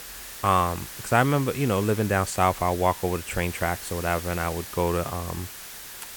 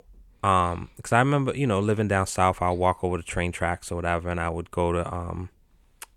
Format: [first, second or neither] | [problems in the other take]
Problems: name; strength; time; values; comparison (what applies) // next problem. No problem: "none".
second | hiss; noticeable; throughout; 10 dB below the speech